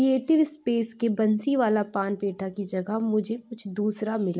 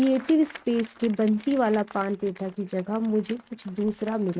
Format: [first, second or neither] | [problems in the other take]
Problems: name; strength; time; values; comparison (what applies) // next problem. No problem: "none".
first | noise reduction (neural mask model RNNoise)